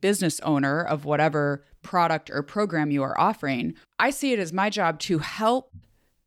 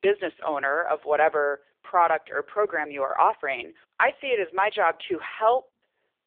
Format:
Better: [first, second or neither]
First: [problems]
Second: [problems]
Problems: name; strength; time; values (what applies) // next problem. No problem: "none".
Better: first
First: none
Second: phone-call audio; poor line